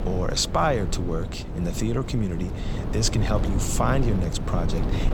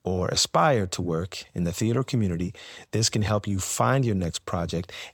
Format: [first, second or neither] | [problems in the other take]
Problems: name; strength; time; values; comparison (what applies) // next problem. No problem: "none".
second | wind noise on the microphone; heavy; 9 dB below the speech